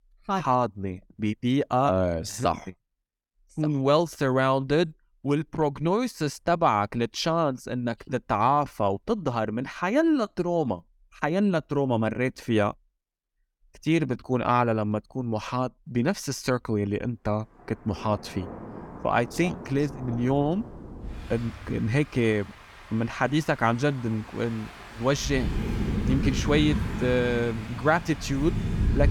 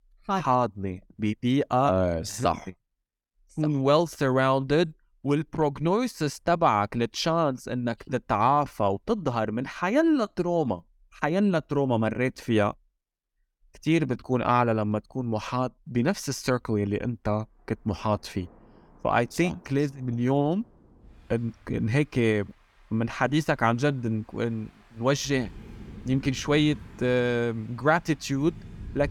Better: second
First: rain or running water; loud; from 17 s on; 8 dB below the speech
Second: rain or running water; faint; from 17 s on; 25 dB below the speech

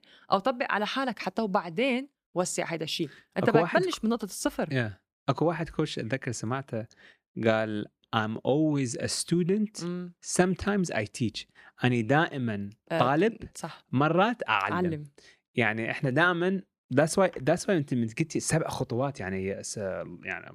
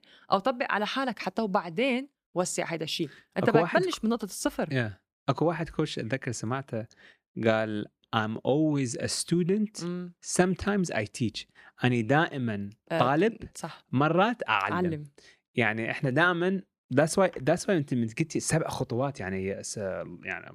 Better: neither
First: none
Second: none

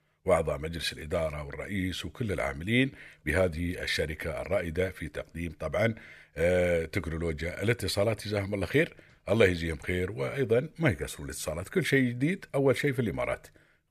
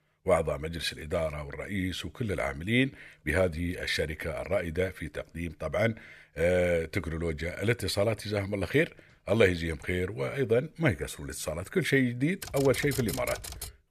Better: first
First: none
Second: keyboard typing; noticeable; from 12 s on; peak 7 dB below the speech

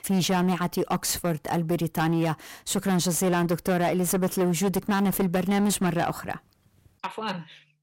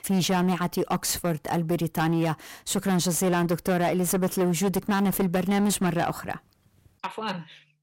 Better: neither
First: distortion; slight; 15% of the sound clipped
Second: distortion; slight; 15% of the sound clipped

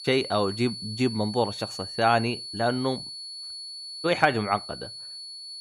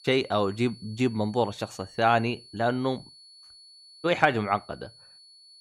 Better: second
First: high-pitched whine; loud; throughout; 4.5 kHz, 9 dB below the speech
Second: high-pitched whine; faint; throughout; 4.5 kHz, 20 dB below the speech

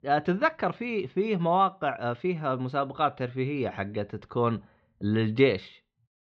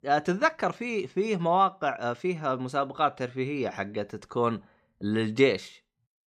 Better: second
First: muffled; very slightly; fading above 3.5 kHz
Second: none

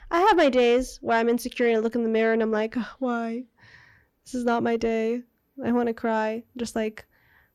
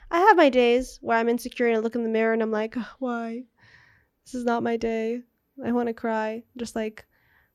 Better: second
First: distortion; slight; 10 dB below the speech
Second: none

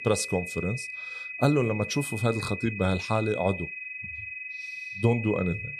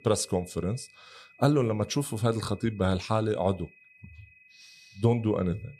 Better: second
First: high-pitched whine; loud; throughout; 2.5 kHz, 7 dB below the speech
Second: high-pitched whine; faint; throughout; 2.5 kHz, 25 dB below the speech

